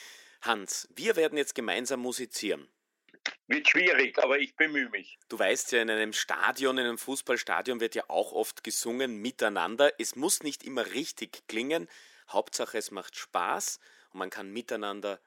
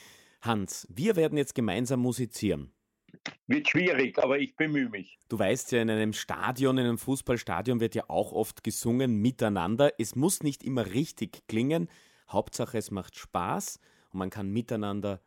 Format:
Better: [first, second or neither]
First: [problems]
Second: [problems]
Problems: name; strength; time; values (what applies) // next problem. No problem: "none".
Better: second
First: thin; somewhat; fading below 350 Hz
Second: none